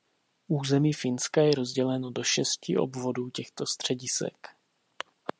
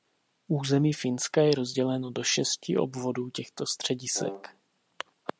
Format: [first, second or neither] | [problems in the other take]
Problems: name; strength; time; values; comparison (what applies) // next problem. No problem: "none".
first | background sound (Brass instrument); 13 dB below the speech